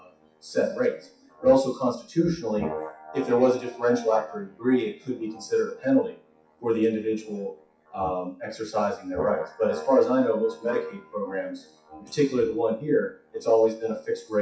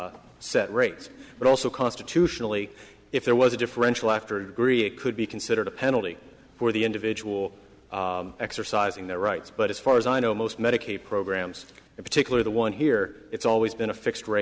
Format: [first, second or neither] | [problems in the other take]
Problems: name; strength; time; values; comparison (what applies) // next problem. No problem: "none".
second | noise reduction (classical method WPE with log-MMSE)